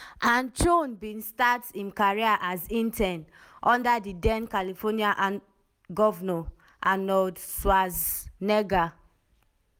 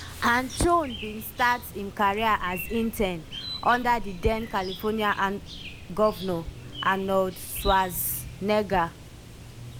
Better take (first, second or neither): first